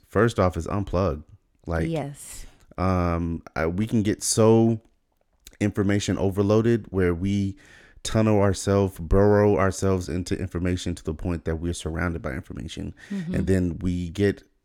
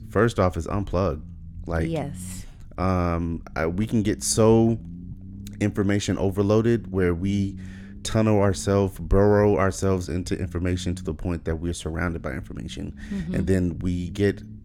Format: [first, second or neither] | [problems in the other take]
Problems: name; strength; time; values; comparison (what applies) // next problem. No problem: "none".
first | low rumble; faint; throughout; 25 dB below the speech